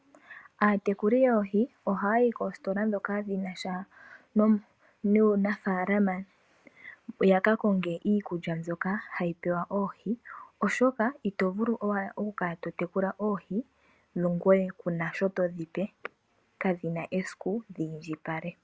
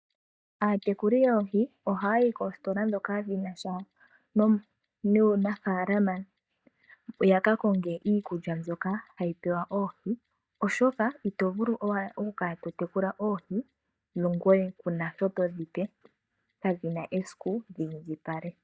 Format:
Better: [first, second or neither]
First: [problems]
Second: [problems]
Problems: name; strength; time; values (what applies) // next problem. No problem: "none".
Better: first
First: none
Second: noise reduction (neural mask model DeepFilterNet 3)